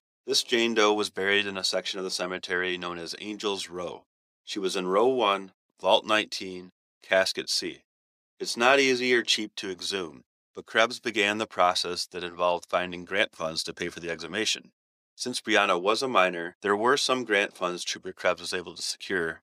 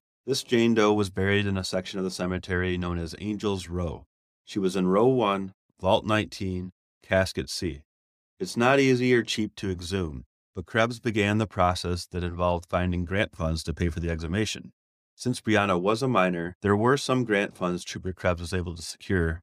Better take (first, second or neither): second